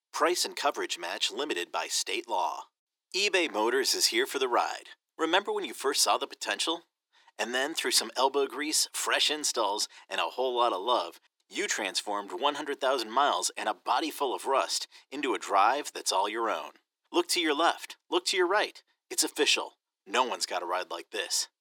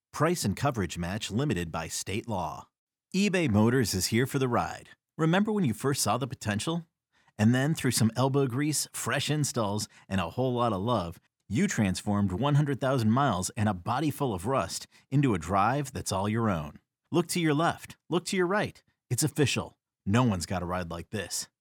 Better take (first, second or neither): second